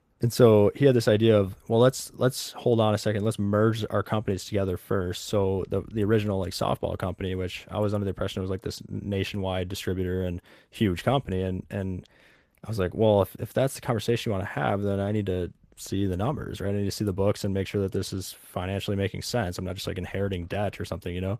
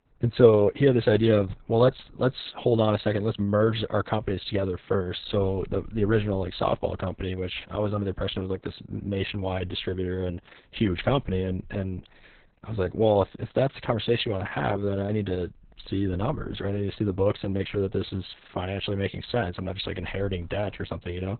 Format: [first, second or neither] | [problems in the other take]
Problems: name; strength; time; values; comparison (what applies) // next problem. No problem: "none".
first | garbled, watery; badly; nothing above 4 kHz; slightly in the first